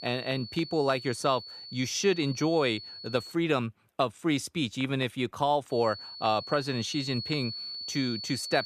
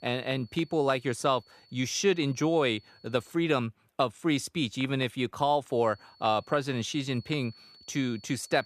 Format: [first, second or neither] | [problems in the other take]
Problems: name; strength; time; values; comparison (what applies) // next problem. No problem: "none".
second | high-pitched whine; loud; until 3.5 s and from 5.5 s on; 4.5 kHz, 9 dB below the speech; faint in the second